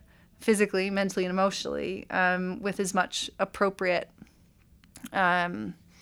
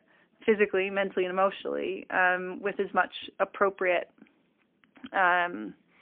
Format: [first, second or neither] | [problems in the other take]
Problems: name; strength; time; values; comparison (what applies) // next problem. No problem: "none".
first | phone-call audio; poor line